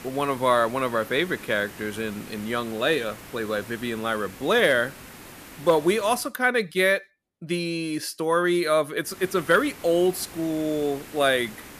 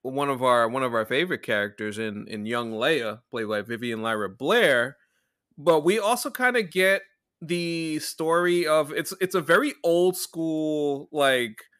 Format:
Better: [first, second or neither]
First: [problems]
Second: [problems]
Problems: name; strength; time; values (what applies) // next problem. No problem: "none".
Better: second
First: hiss; noticeable; until 6 s and from 9 s on; 15 dB below the speech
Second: none